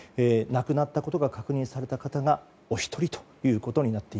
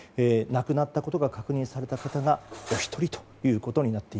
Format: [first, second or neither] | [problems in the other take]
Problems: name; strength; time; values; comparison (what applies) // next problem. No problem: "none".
first | background sound (Cutlery, silverware); 16 dB below the speech